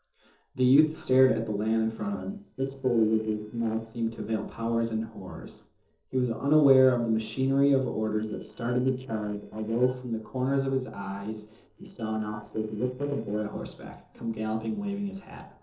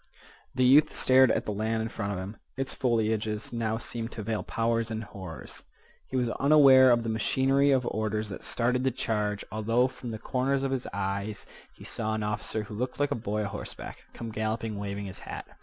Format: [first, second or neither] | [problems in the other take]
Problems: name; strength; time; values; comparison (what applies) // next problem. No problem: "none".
second | noise reduction (neural separator model SepFormer DNS4)